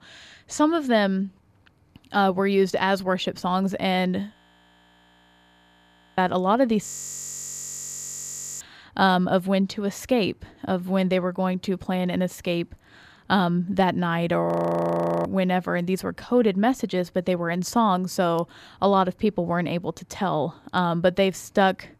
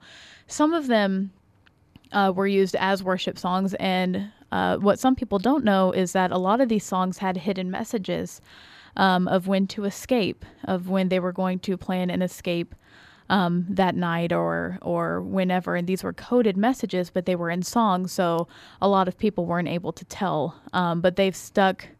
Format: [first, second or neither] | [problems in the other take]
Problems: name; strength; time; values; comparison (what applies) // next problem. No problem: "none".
second | audio freezing; at 4.5 s for 2 s, at 7 s for 1.5 s and at 14 s for 1 s